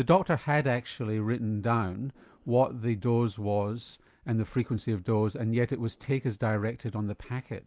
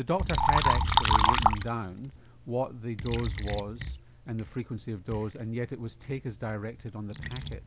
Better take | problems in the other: first | background sound (Liquid); 4 dB above the speech

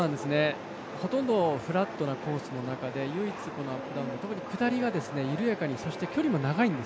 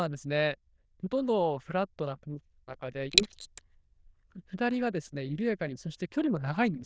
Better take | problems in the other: first | noise reduction (neural diffusion model UNIVERSE++)

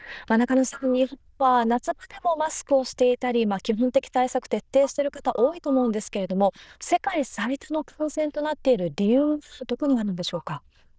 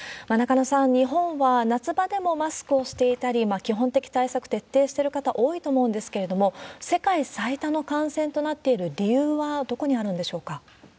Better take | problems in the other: second | noise reduction (neural diffusion model UNIVERSE++)

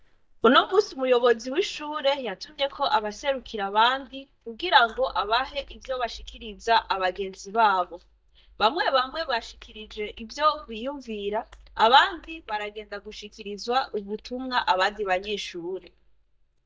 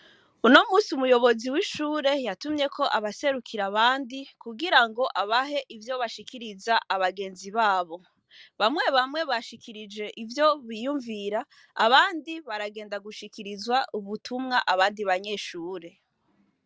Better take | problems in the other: second | noise reduction (neural mask model DeepFilterNet 3)

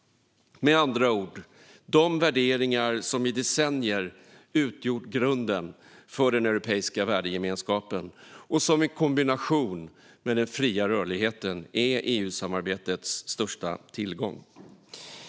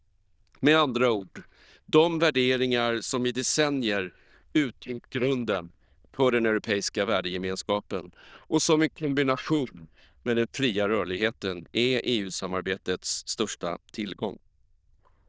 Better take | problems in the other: first | noise reduction (neural diffusion model UNIVERSE++)

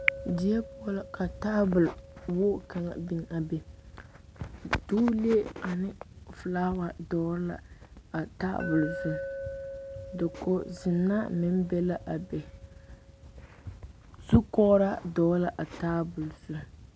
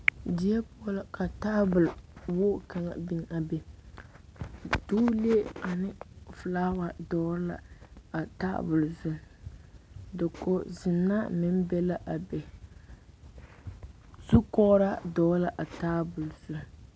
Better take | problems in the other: second | background sound (Glass); 16 dB below the speech

